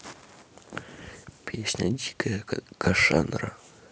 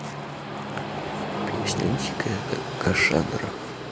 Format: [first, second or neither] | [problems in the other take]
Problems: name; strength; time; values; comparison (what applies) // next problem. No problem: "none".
first | background sound (Train); 2 dB below the speech